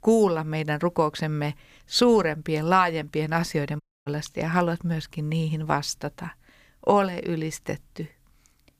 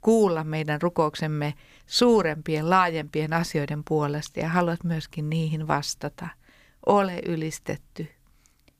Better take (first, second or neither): second